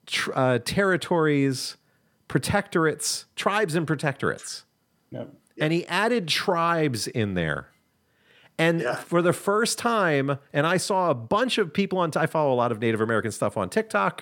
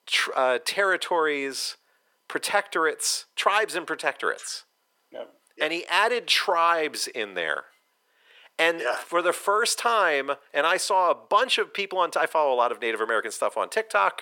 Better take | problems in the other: first | thin; very; fading below 450 Hz

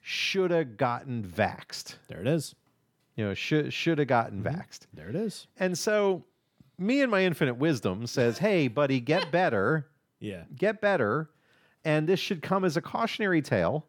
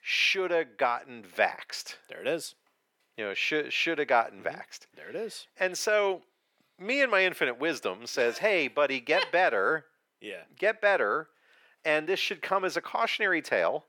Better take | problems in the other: first | thin; very; fading below 500 Hz

